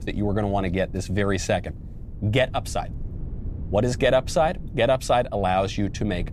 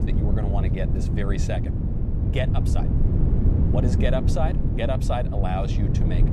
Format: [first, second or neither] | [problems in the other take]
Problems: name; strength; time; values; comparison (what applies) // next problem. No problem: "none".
first | wind noise on the microphone; heavy; 4 dB below the speech; occasional gusts in the first